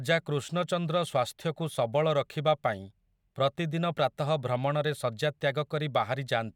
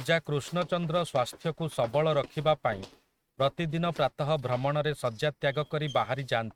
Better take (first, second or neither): first